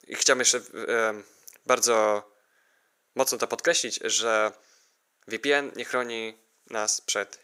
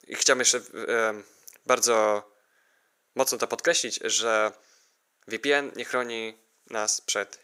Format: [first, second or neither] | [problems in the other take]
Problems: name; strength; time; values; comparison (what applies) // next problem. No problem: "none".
neither | thin; very; fading below 400 Hz; the same in both